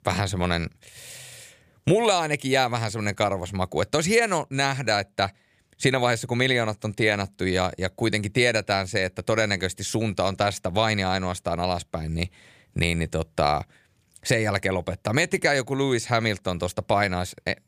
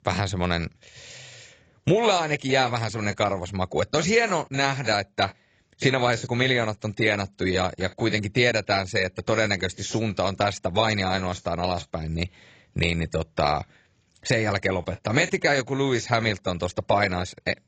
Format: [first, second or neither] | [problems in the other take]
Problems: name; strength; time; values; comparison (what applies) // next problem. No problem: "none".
first | garbled, watery; badly; nothing above 7.5 kHz